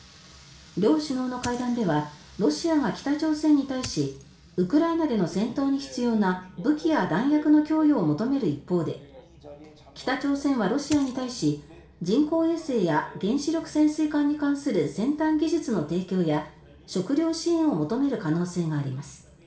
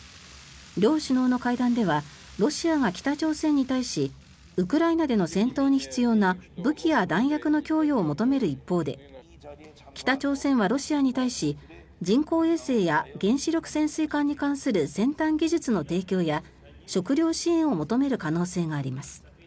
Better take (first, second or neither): second